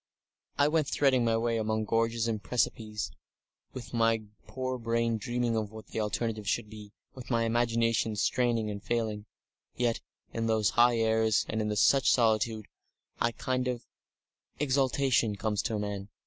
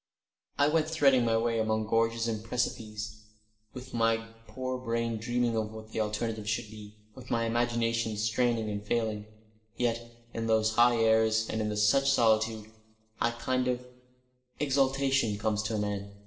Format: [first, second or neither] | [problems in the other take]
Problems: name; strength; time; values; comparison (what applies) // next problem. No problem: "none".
first | room echo; dies away in 0.7 s